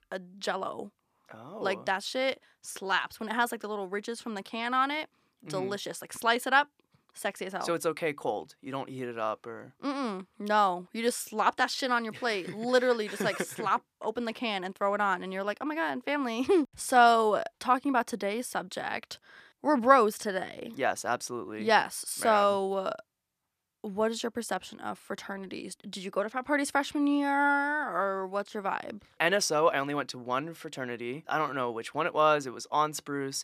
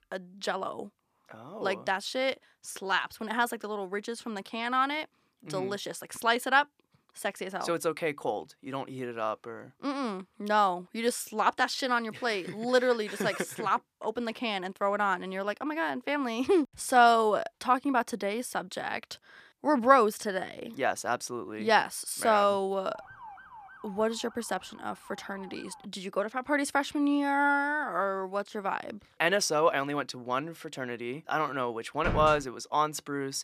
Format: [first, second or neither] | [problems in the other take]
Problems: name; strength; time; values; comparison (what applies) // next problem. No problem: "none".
first | siren; faint; from 23 to 26 s; peak 20 dB below the speech // door banging; noticeable; at 32 s; peak 5 dB below the speech